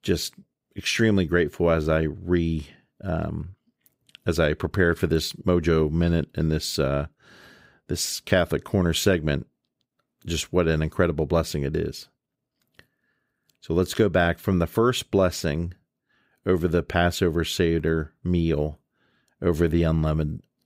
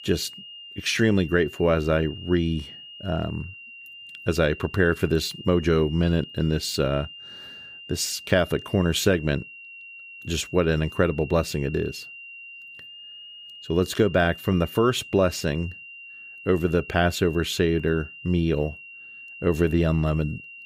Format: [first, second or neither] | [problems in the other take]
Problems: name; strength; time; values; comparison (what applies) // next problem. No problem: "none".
first | high-pitched whine; noticeable; throughout; 3 kHz, 15 dB below the speech